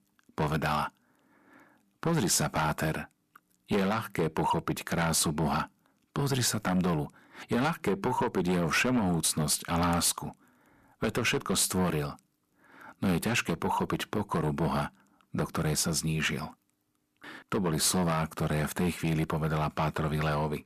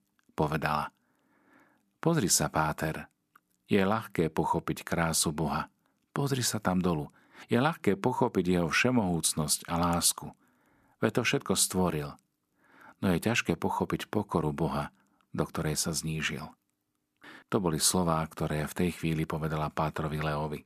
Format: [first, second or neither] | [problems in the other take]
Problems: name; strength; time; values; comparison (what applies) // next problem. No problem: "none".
second | distortion; heavy; 7 dB below the speech